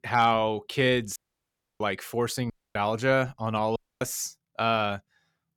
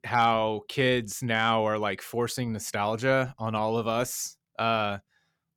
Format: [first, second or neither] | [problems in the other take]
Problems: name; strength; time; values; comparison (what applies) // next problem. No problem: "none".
second | audio cutting out; at 1 s for 0.5 s, at 2.5 s and at 4 s